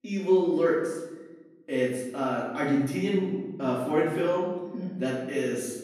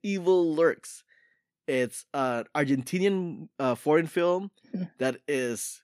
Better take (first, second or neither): second